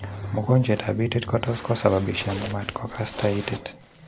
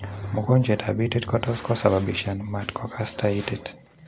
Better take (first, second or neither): second